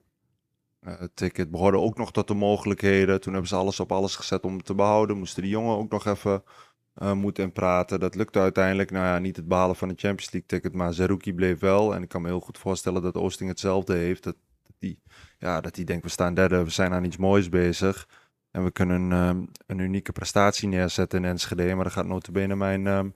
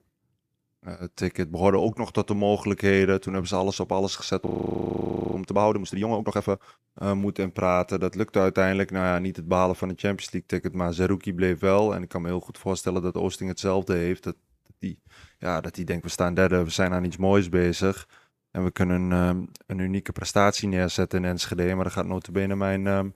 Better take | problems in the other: first | audio freezing; at 4.5 s for 1 s

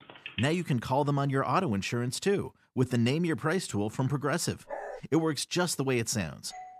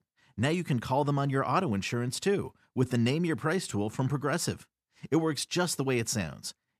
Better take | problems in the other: second | phone ringing; noticeable; at the start; peak 10 dB below the speech // dog barking; faint; at 4.5 s; peak 10 dB below the speech // doorbell; very faint; at 6.5 s; peak 15 dB below the speech

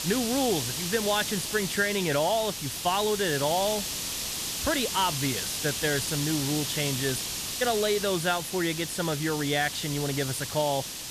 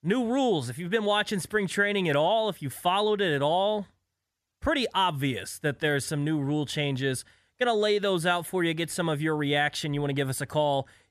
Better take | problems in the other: second | hiss; loud; throughout; 3 dB below the speech

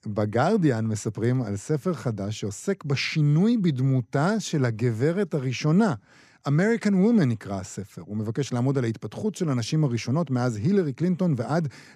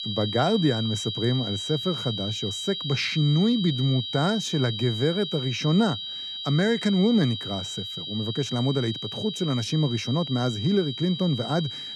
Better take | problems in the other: first | high-pitched whine; loud; throughout; 4 kHz, 6 dB below the speech

